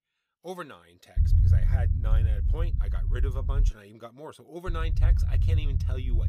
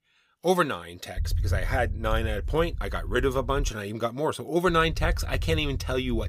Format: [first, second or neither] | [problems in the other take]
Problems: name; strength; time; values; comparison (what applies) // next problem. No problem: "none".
second | low rumble; loud; from 1 to 3.5 s and from 4.5 s on; 2 dB below the speech; faint in the second